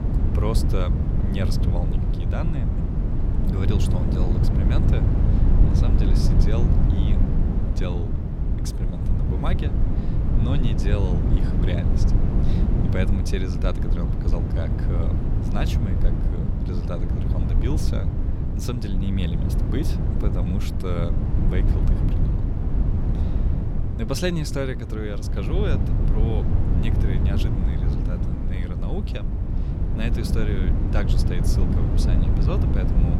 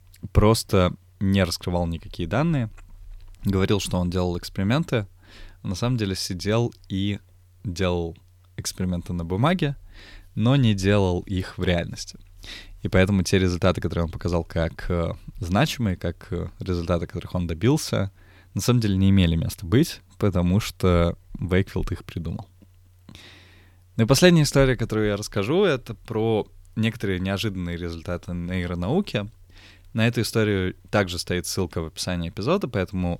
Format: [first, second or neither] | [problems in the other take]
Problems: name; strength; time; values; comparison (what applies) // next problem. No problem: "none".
second | low rumble; loud; throughout; as loud as the speech